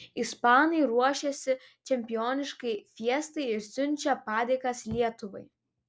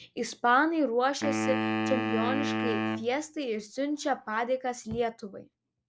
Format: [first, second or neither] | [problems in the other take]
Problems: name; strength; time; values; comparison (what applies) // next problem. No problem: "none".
first | background sound (Wind instrument, woodwind instrument); 1 dB below the speech